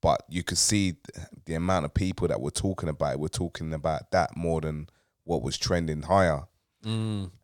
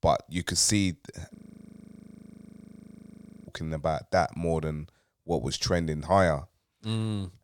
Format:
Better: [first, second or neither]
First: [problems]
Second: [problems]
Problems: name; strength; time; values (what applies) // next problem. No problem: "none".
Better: first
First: none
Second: audio freezing; at 1.5 s for 2 s